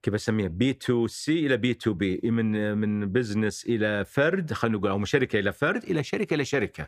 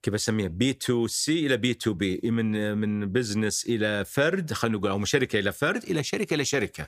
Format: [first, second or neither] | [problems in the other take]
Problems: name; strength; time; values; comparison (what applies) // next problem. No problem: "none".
second | muffled; slightly; fading above 3.5 kHz